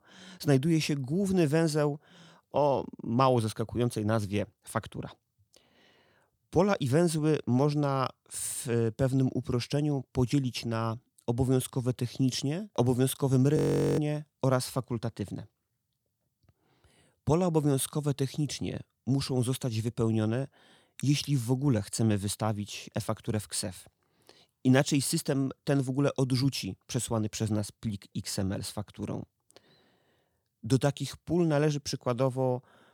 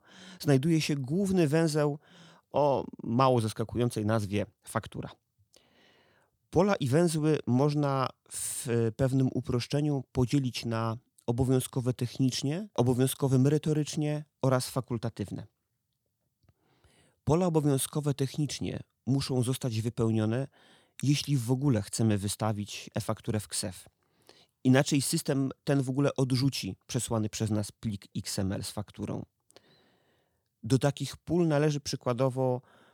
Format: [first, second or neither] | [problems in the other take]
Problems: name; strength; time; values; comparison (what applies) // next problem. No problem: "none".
second | audio freezing; at 14 s